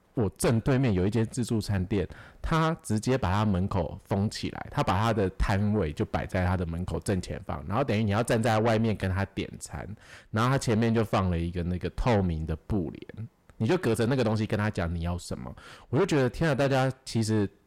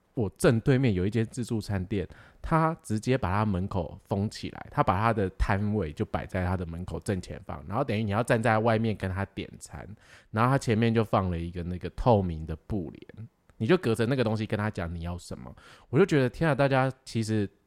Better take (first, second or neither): second